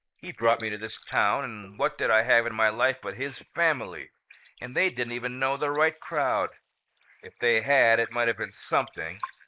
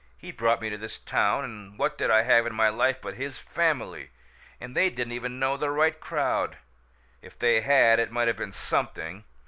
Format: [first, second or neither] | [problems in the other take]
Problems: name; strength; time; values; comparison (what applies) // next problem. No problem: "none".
second | noise reduction (neural mask model Resemble Enhance denoiser)